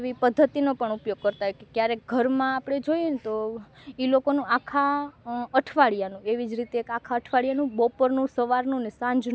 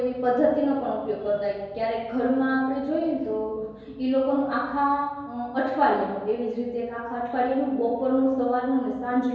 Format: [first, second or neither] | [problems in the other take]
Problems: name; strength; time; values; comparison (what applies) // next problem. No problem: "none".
first | room echo; dies away in 1.2 s